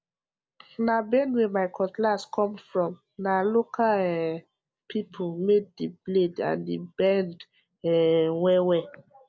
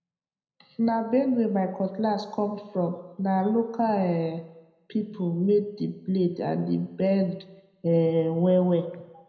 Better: first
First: none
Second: room echo; dies away in 0.7 s

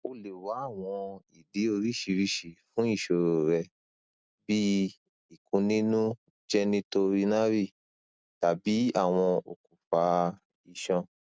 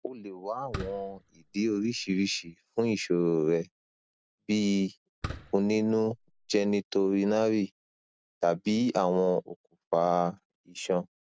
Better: first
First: none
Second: background sound (Fireworks); 14 dB below the speech

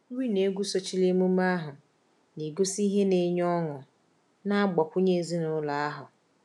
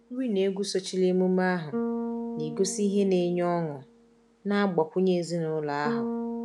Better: first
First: none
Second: background sound (Bass guitar); 9 dB below the speech

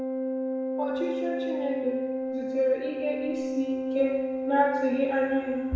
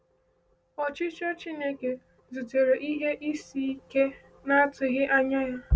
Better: second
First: background sound (Organ); 1 dB below the speech // room echo; dies away in 1 s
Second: none

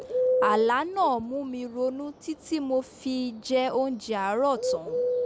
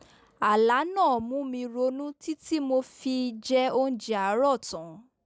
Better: second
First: background sound (Bird); 4 dB below the speech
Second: none

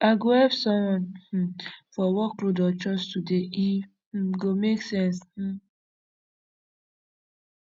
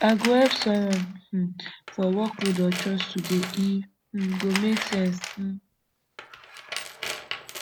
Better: first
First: none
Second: background sound (Tools); 10 dB below the speech

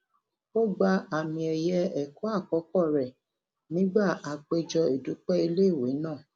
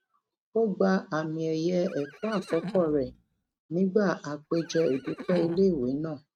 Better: first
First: none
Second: noise reduction (neural mask model RNNoise)

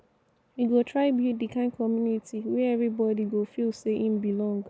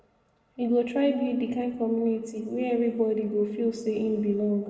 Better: first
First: none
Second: room echo; dies away in 1.3 s

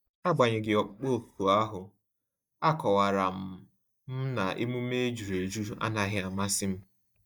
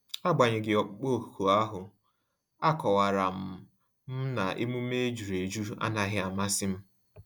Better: second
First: noise reduction (neural mask model DeepFilterNet 3)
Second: none

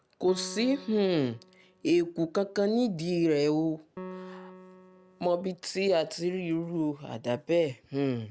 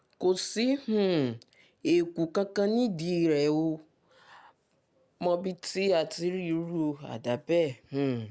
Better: second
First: background sound (Piano); 19 dB below the speech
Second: none

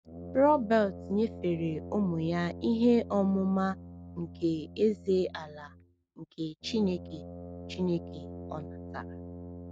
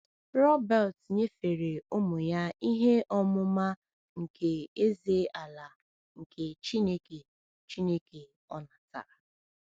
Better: second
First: noise reduction (neural mask model RNNoise)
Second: none

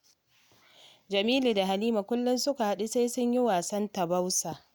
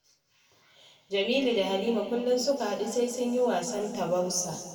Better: first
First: none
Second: room echo; dies away in 2.2 s

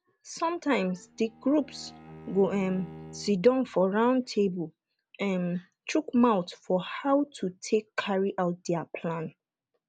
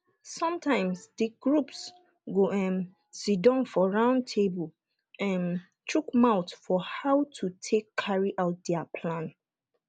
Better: second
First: background sound (Bowed string instrument); 19 dB below the speech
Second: none

